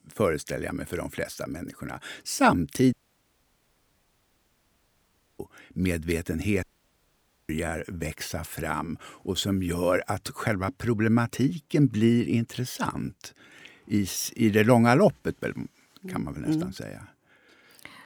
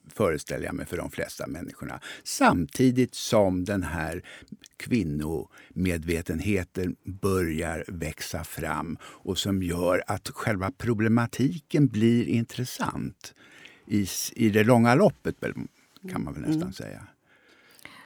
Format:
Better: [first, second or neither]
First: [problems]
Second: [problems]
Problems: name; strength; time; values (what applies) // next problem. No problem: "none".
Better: second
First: audio cutting out; at 3 s for 2.5 s and at 6.5 s for 1 s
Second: none